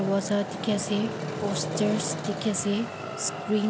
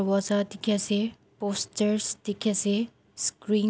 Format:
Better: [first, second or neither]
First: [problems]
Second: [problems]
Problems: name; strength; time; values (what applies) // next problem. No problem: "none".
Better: second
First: background sound (Traffic noise, roadway noise); 5 dB below the speech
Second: none